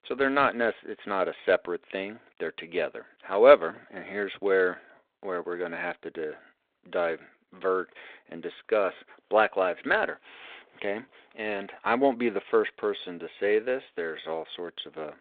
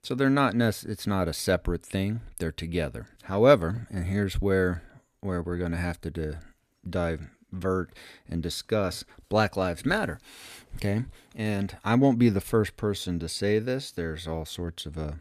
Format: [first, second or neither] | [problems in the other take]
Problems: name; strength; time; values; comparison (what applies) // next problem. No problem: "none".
second | phone-call audio; nothing above 3.5 kHz